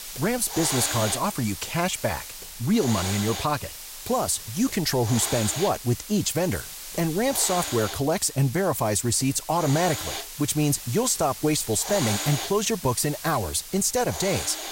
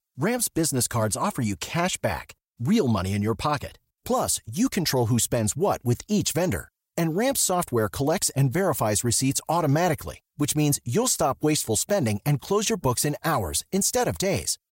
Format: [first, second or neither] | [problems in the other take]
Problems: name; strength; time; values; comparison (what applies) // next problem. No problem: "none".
second | hiss; loud; throughout; 8 dB below the speech